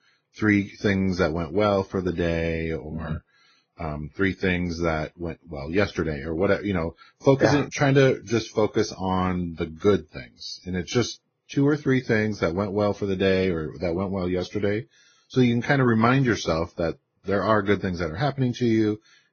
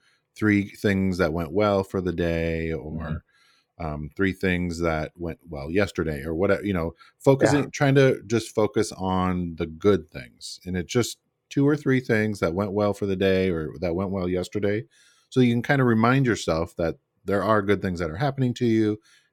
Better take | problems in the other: second | garbled, watery; badly; nothing above 6.5 kHz

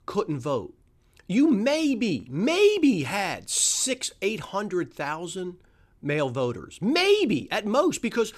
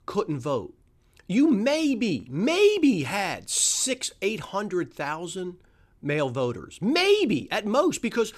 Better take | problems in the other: neither | none

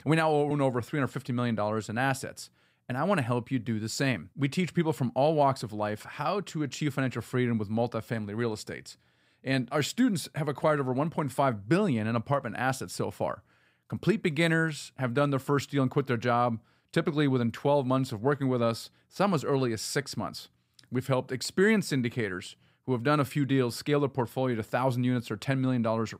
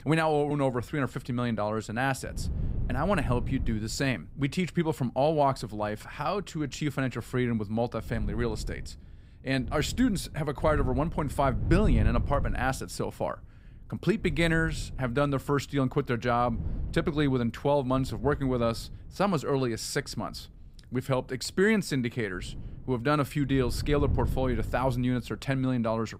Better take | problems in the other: first | wind noise on the microphone; occasional gusts; 20 dB below the speech

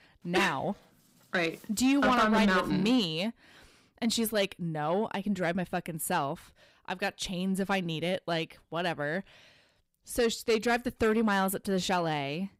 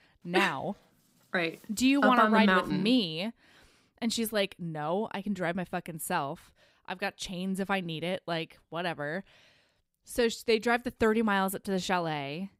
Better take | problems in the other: second | distortion; slight; 10 dB below the speech

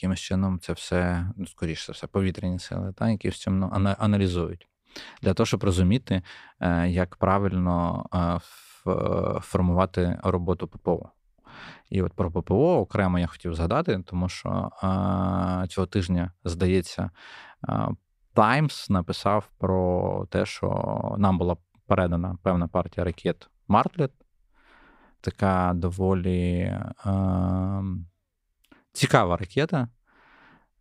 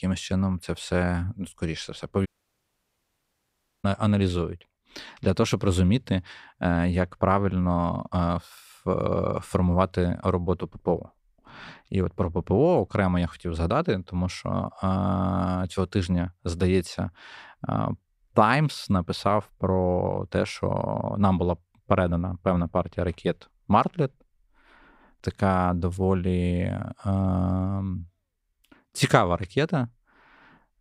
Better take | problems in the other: first | audio cutting out; at 2.5 s for 1.5 s

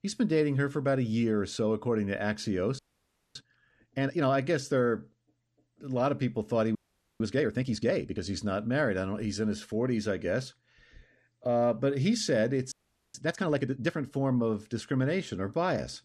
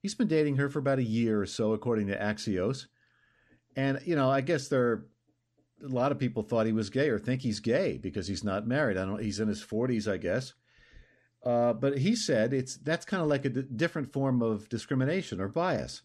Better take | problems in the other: second | audio freezing; at 3 s for 0.5 s, at 7 s and at 13 s

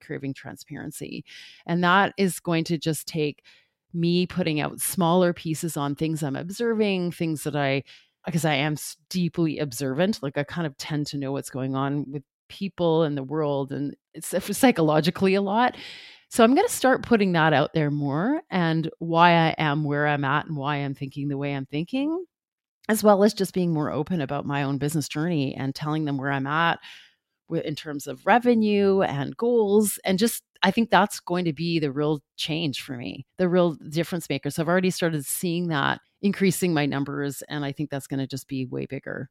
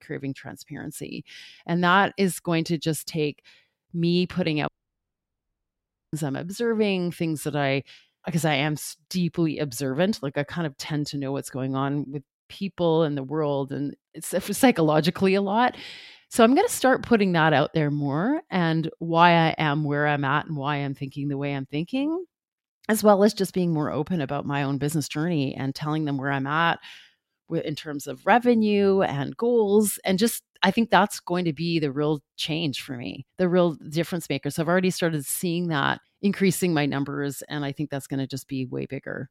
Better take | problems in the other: first | audio cutting out; at 4.5 s for 1.5 s

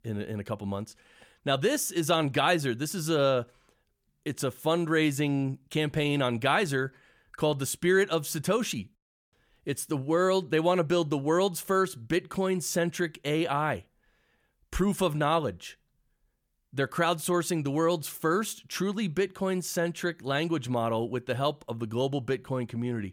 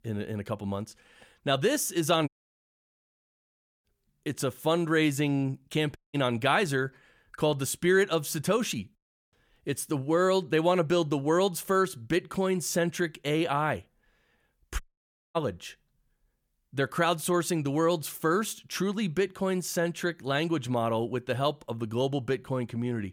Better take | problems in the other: first | audio cutting out; at 2.5 s for 1.5 s, at 6 s and at 15 s for 0.5 s

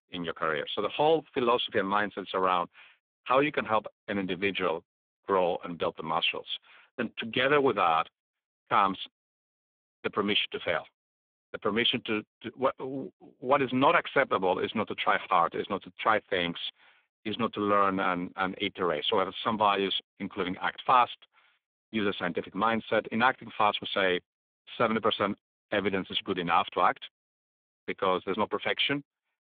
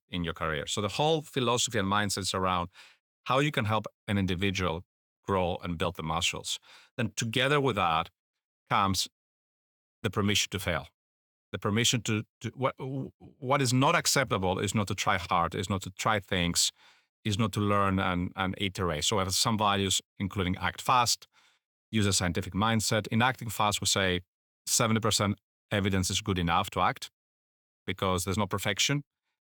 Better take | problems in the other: second | phone-call audio; poor line; nothing above 3.5 kHz

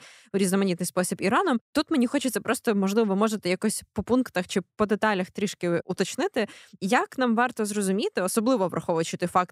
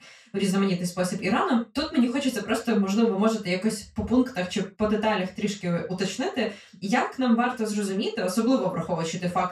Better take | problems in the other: first | room echo; noticeable; dies away in 0.2 s // off-mic speech; far

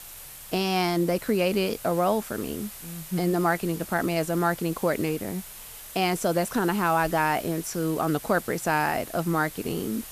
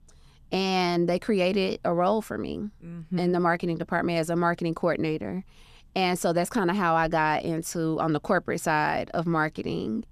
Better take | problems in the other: second | hiss; noticeable; throughout; 15 dB below the speech

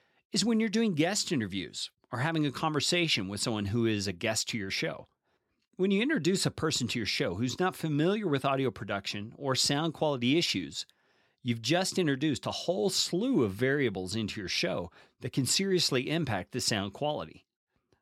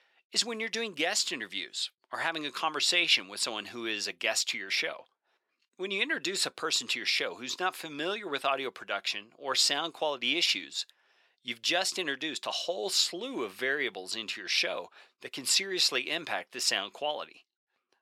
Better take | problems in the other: first | thin; very; fading below 550 Hz

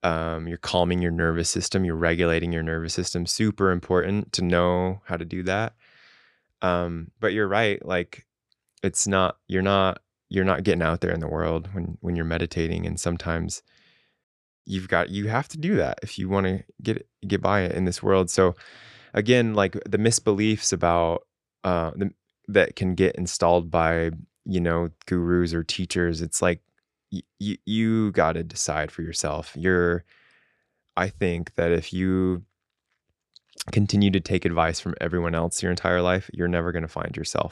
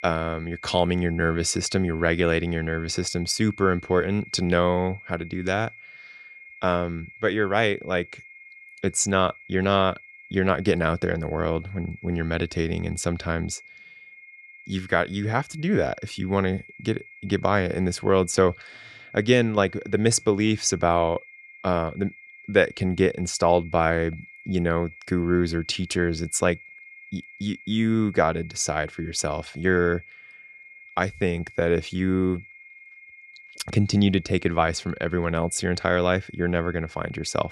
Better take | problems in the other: first | high-pitched whine; noticeable; throughout; 2 kHz, 20 dB below the speech

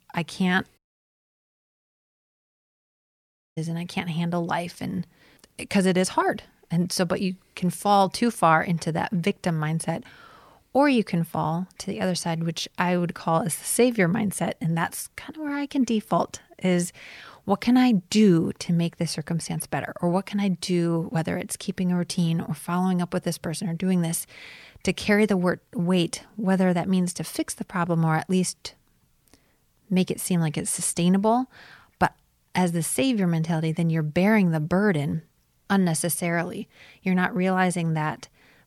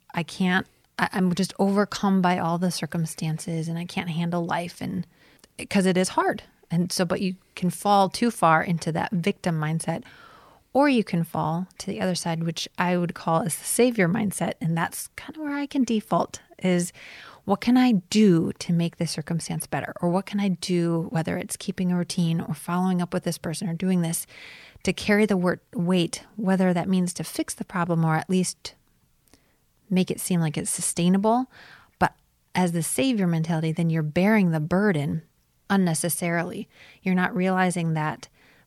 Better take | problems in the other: second | audio cutting out; at 1 s for 3 s

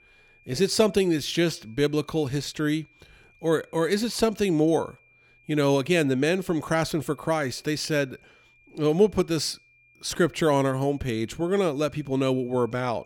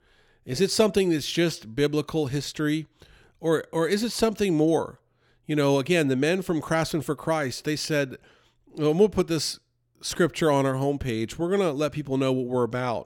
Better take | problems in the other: second | high-pitched whine; faint; throughout; 2.5 kHz, 30 dB below the speech

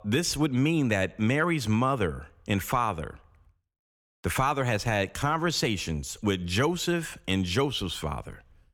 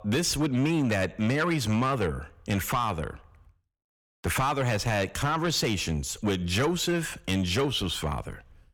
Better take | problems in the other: first | distortion; slight; 10 dB below the speech

